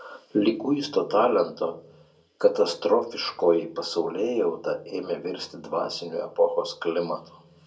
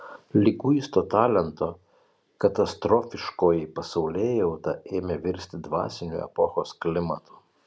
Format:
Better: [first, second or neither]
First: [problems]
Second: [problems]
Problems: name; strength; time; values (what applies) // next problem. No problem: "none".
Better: second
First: room echo; dies away in 0.2 s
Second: none